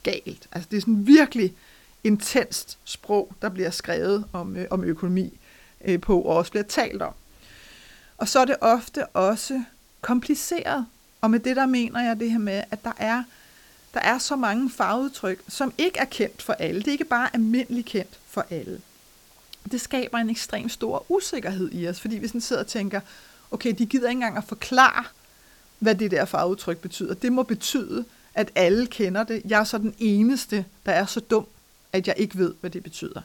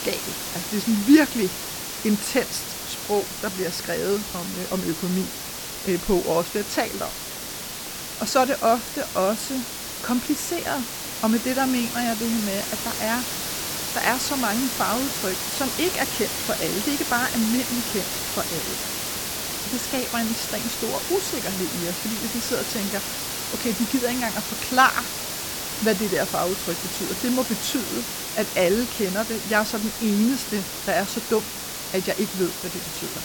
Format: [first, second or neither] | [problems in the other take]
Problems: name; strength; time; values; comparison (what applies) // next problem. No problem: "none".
first | hiss; loud; throughout; 3 dB below the speech; faint in the first